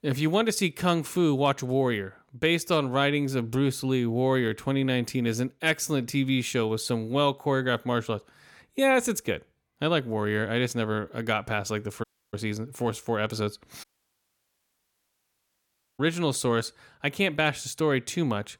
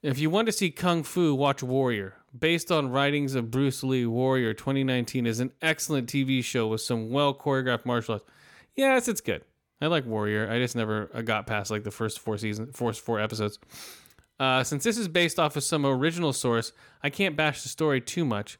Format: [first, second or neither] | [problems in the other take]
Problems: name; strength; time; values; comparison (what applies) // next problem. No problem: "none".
second | audio cutting out; at 12 s and at 14 s for 2 s